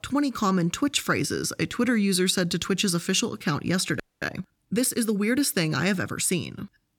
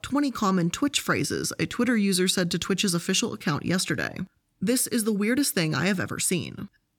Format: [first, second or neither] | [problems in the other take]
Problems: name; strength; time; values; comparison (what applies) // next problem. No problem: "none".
second | audio freezing; at 4 s